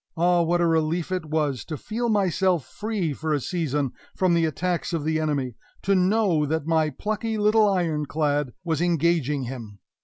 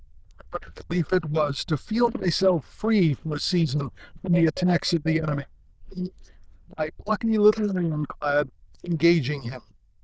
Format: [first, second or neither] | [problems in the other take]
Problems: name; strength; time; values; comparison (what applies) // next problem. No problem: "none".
first | noise reduction (neural diffusion model UNIVERSE++)